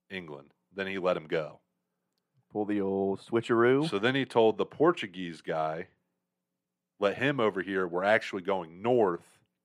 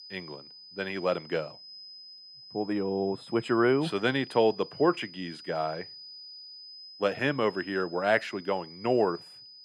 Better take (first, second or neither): first